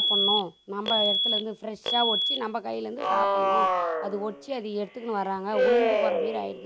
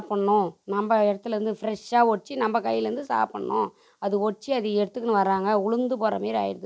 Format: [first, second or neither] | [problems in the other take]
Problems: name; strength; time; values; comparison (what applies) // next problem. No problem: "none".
second | background sound (Alarm); 4 dB above the speech